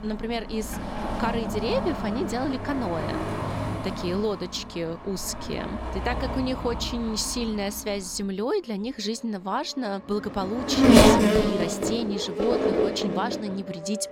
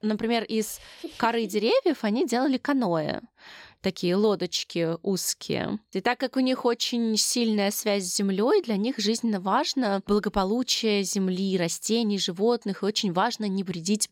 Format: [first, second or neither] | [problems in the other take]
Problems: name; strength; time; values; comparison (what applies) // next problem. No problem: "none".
second | traffic noise; very loud; throughout; 4 dB above the speech